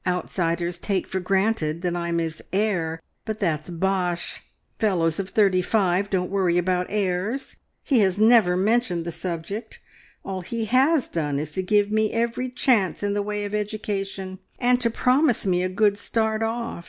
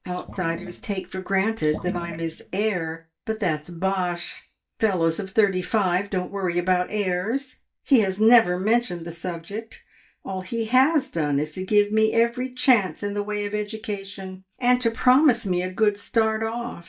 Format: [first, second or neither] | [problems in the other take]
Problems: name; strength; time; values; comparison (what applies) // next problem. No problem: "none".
first | noise reduction (neural mask model DeepFilterNet 3)